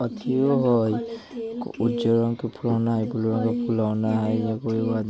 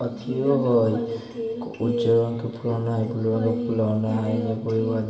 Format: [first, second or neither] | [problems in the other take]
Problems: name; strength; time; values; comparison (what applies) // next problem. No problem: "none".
first | room echo; dies away in 2.9 s